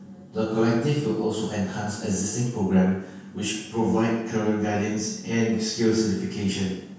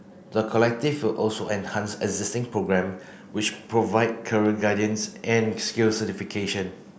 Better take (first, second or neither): second